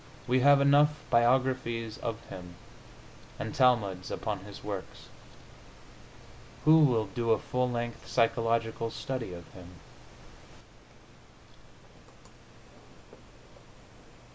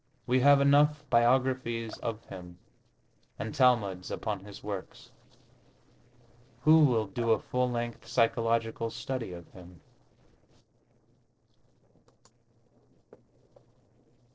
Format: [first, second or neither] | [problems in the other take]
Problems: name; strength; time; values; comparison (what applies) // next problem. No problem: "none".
first | noise reduction (neural separator model SepFormer DNS4)